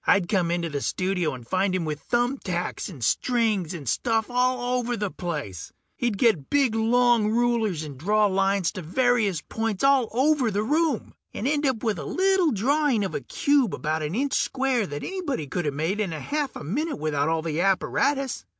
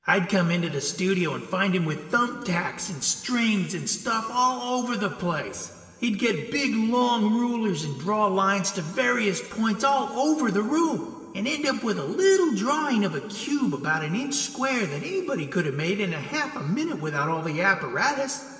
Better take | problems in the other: first | room echo; dies away in 2.8 s

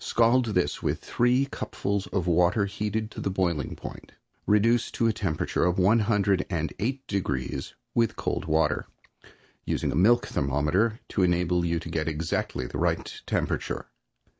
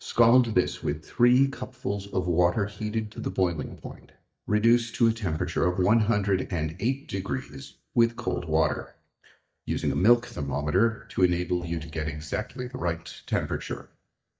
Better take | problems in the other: first | noise reduction (neural mask model DeepFilterNet 3)

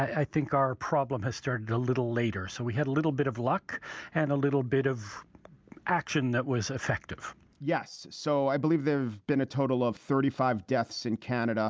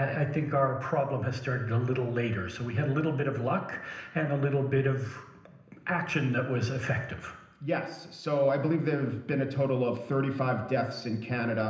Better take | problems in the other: first | room echo; dies away in 0.9 s

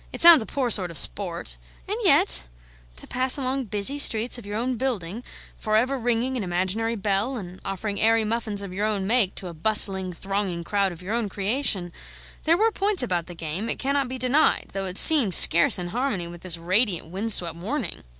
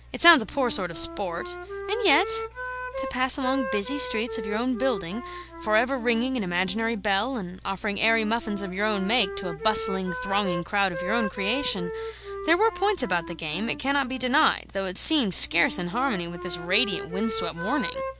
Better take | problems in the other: first | background sound (Wind instrument, woodwind instrument); 9 dB below the speech

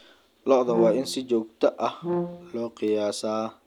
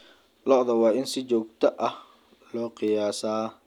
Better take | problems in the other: second | background sound (Brass instrument); 6 dB below the speech

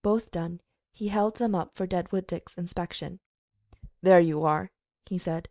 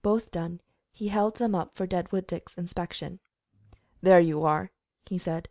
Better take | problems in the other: second | noise reduction (neural mask model DeepFilterNet 3)

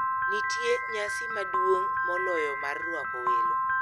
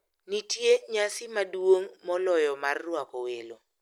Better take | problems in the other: second | background sound (Piano); 5 dB above the speech

